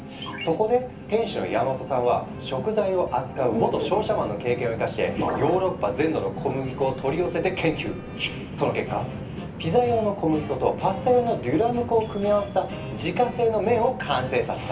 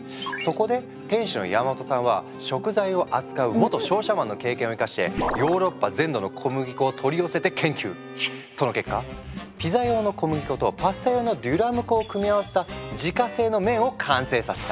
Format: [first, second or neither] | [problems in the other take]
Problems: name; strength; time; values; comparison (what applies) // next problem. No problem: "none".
second | background sound (Train); 12 dB below the speech // room echo; dies away in 0.3 s